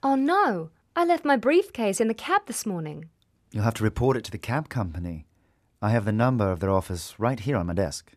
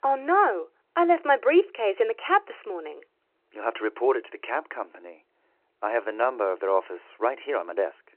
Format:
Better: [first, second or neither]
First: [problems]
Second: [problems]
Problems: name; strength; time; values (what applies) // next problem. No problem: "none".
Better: first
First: none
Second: phone-call audio